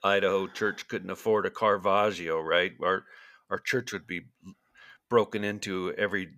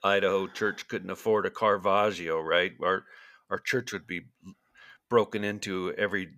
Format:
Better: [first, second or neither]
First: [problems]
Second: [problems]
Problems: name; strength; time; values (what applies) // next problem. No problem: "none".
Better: neither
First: none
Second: none